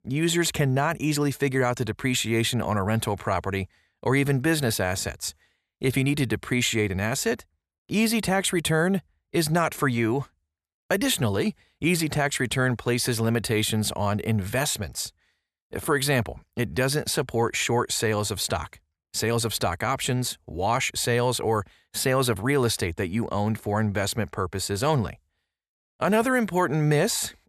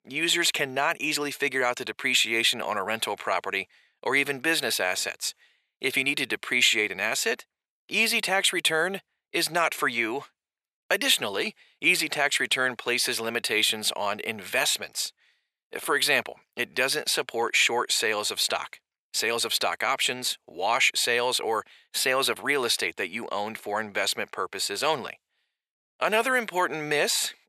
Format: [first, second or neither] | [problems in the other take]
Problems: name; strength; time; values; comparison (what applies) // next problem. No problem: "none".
first | thin; somewhat; fading below 450 Hz